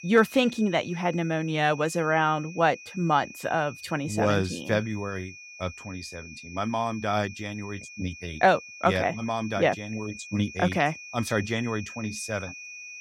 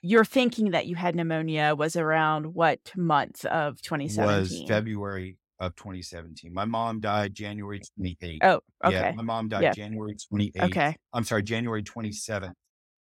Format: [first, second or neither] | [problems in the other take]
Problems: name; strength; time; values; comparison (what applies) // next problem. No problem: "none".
second | high-pitched whine; noticeable; throughout; 2.5 kHz, 15 dB below the speech